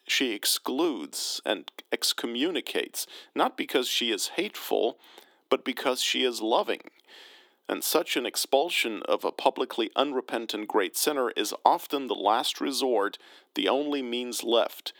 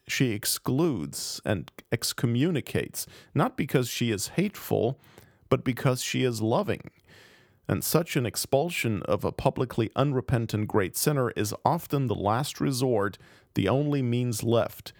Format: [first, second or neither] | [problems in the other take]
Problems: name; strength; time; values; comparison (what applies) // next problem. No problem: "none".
second | thin; somewhat; fading below 250 Hz